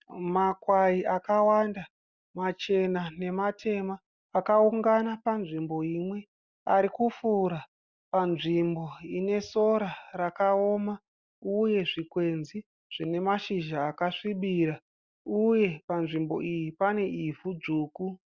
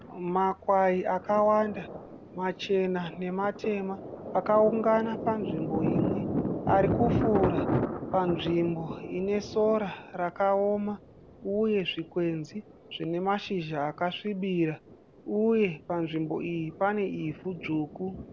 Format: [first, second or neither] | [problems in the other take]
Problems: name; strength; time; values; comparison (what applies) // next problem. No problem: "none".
first | background sound (Thunder); 6 dB below the speech